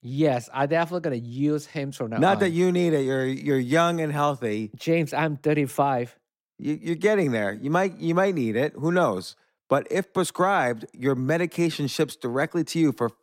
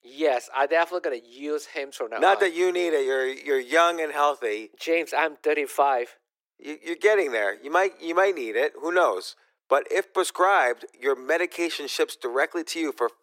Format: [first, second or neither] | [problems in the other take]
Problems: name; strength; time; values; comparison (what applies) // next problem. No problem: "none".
first | thin; very; fading below 350 Hz